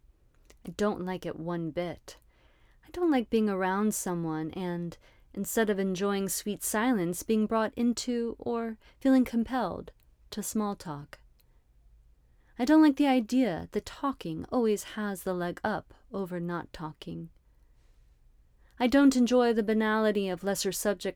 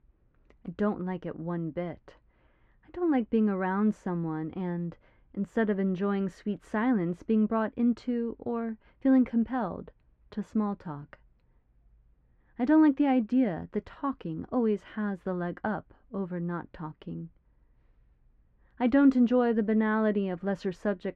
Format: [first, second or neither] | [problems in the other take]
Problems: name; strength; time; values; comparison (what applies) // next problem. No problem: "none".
first | muffled; very; fading above 2 kHz